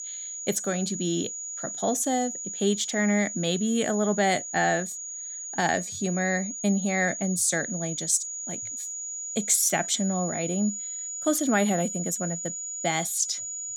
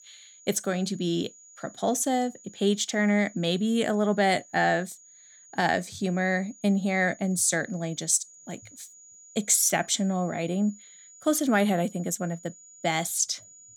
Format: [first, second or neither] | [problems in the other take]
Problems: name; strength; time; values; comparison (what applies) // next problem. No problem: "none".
second | high-pitched whine; loud; throughout; 7 kHz, 6 dB below the speech; faint in the second